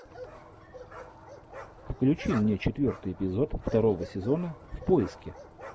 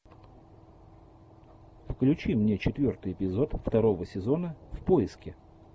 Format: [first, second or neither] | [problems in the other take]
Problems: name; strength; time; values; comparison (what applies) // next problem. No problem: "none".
second | background sound (Bark); 16 dB below the speech